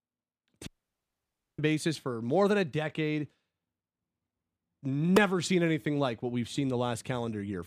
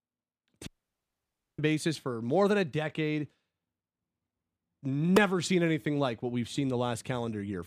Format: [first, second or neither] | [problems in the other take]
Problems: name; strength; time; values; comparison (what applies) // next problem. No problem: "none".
neither | audio cutting out; at 0.5 s for 1 s; the same in both